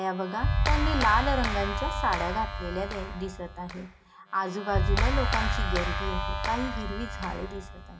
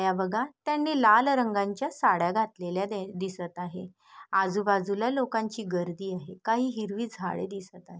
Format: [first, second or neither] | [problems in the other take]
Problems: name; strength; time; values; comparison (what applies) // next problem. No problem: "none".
second | background sound (Clapping); 3 dB above the speech // room echo; dies away in 1.7 s